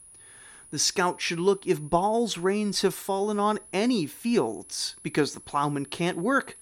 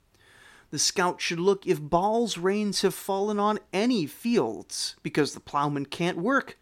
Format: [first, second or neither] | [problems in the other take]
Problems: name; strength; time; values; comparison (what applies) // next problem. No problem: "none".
second | high-pitched whine; faint; throughout; 10.5 kHz, 20 dB below the speech